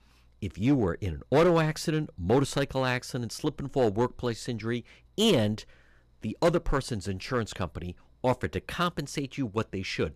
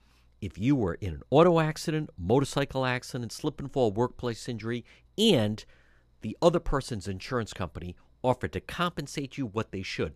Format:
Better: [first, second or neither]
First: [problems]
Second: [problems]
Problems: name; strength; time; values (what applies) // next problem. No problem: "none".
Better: second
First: distortion; slight; 3% of the sound clipped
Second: none